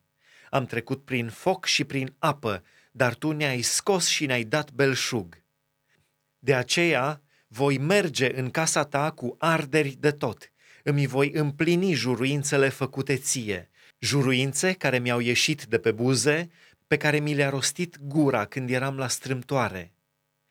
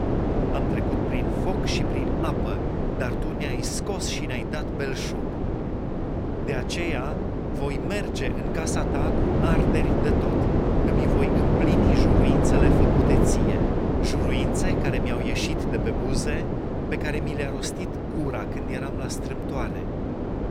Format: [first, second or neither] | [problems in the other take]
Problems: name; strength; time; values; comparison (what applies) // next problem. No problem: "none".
first | wind noise on the microphone; heavy; 4 dB above the speech